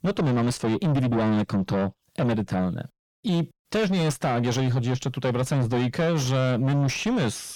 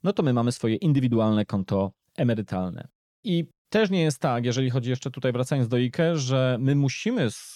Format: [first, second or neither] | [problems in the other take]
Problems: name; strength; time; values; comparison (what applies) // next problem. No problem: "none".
second | distortion; heavy; 8 dB below the speech